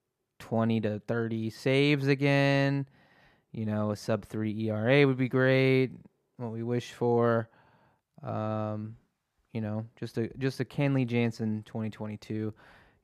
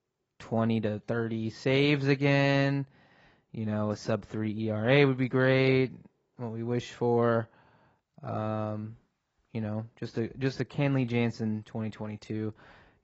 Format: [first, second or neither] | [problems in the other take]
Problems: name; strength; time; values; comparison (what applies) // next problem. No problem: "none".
first | garbled, watery; badly; nothing above 7.5 kHz